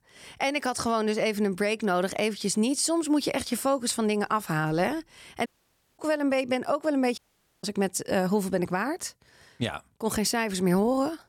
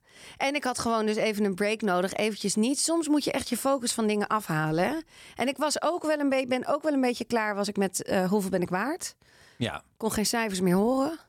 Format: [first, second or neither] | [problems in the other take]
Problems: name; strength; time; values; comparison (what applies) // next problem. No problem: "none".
second | audio cutting out; at 5.5 s for 0.5 s and at 7 s